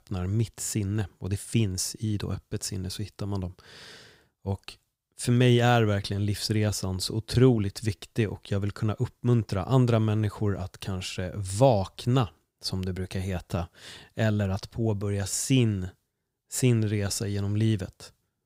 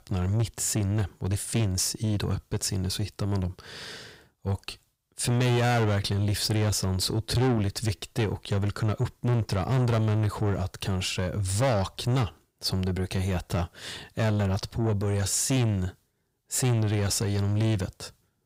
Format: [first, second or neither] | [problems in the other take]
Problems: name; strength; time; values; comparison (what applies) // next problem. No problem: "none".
first | distortion; heavy; 6 dB below the speech